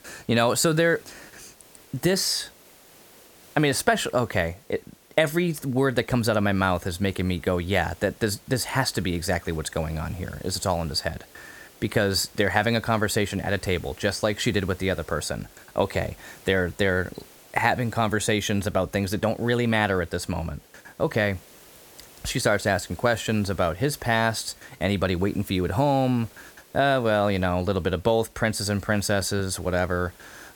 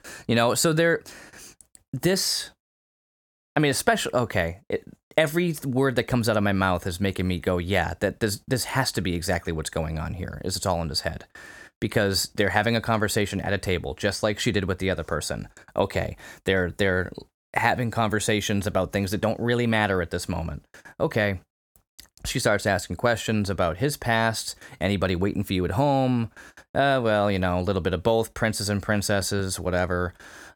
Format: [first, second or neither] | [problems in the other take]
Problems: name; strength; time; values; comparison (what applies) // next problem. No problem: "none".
second | hiss; faint; throughout; 25 dB below the speech